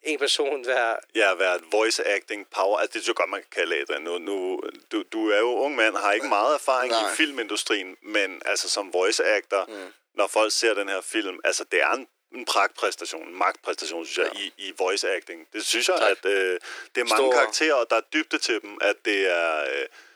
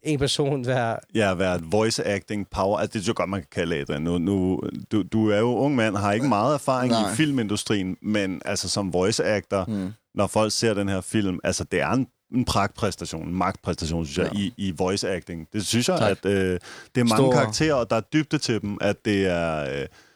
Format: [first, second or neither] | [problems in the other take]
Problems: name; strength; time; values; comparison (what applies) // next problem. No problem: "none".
second | thin; very; fading below 350 Hz